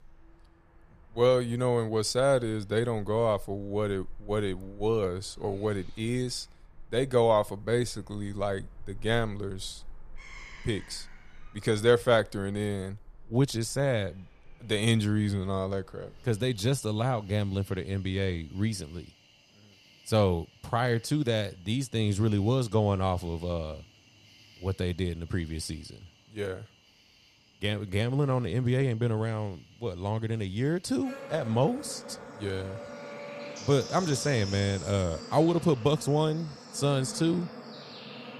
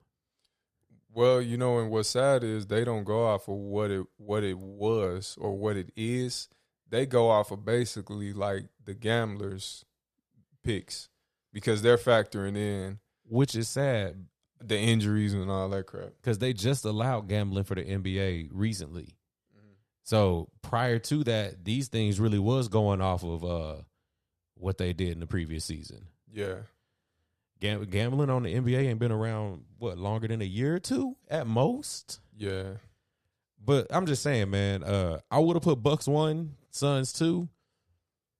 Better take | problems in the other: second | animal sounds; noticeable; throughout; 20 dB below the speech

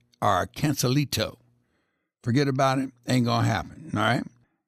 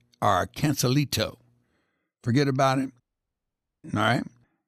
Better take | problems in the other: first | audio cutting out; at 3 s for 1 s

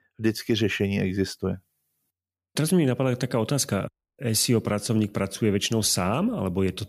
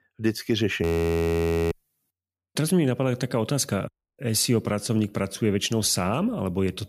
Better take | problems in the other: first | audio freezing; at 1 s for 1 s

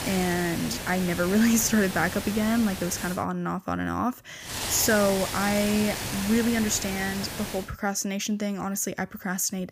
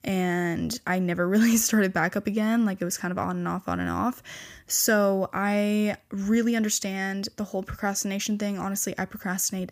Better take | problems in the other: second | hiss; loud; until 3 s and from 4.5 to 7.5 s; 6 dB below the speech

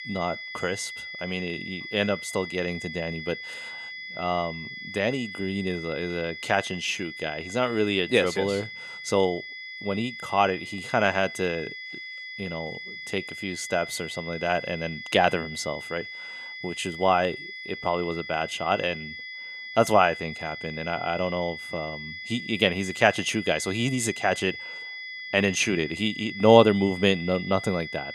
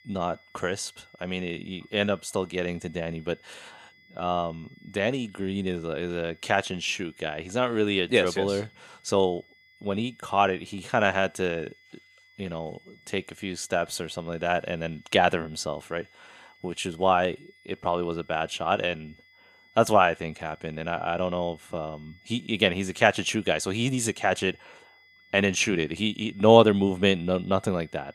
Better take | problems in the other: second | high-pitched whine; loud; throughout; 2 kHz, 10 dB below the speech; faint in the second

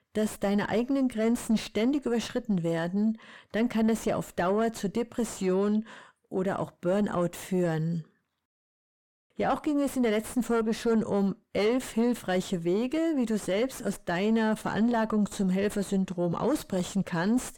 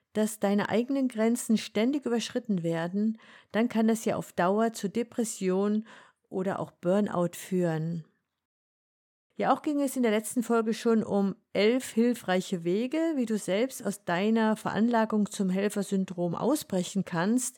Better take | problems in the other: second | distortion; slight; 9 dB below the speech

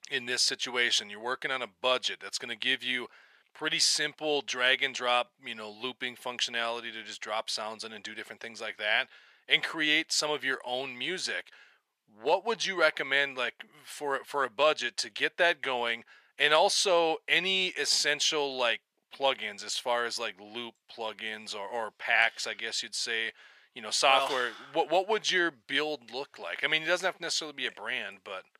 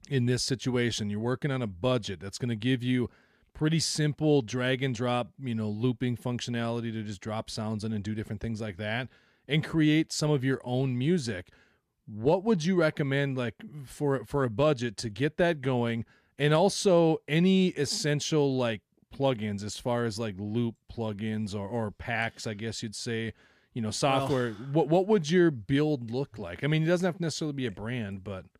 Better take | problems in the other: second | thin; very; fading below 750 Hz

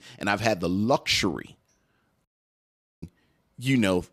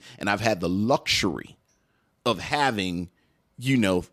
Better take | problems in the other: second | audio cutting out; at 2.5 s for 1 s

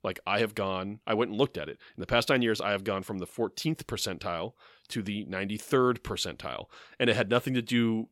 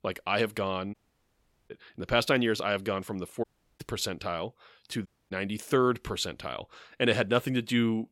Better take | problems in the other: first | audio cutting out; at 1 s for 1 s, at 3.5 s and at 5 s

